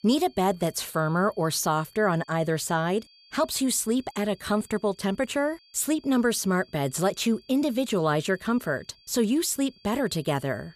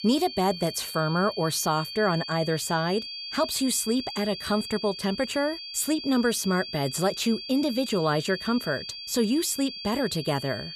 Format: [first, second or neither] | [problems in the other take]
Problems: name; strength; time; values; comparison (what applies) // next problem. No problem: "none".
first | high-pitched whine; loud; throughout; 4.5 kHz, 9 dB below the speech; faint in the first